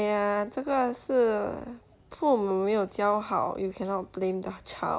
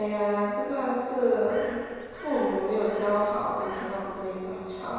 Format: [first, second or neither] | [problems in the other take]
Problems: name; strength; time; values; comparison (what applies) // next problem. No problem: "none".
first | background sound (Crow); 19 dB below the speech // room echo; dies away in 1.9 s